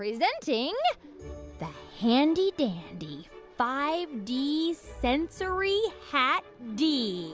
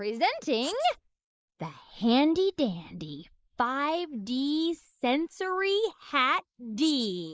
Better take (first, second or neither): first